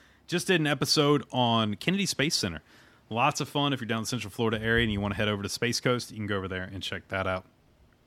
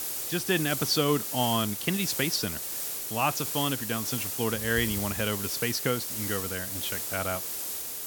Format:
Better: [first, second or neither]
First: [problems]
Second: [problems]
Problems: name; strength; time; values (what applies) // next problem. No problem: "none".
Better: first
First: none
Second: hiss; loud; throughout; 2 dB below the speech